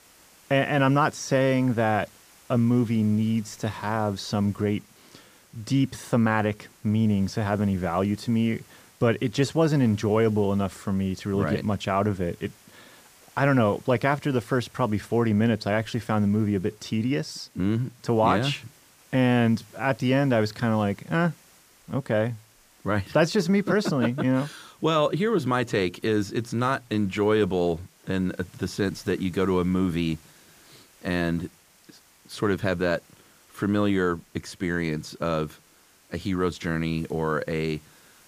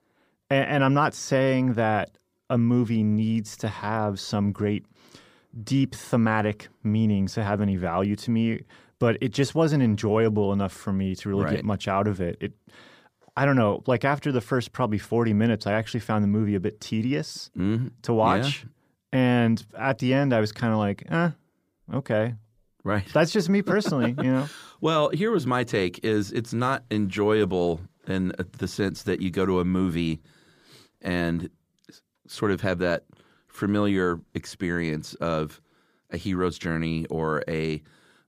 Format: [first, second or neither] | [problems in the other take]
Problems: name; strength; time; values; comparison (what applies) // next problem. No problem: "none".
second | hiss; faint; throughout; 30 dB below the speech